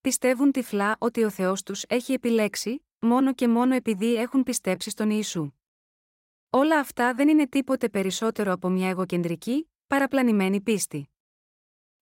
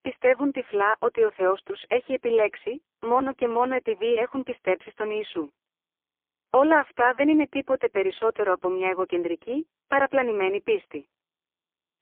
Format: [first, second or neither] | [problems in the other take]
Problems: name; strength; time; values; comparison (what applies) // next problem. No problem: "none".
first | phone-call audio; poor line; nothing above 3.5 kHz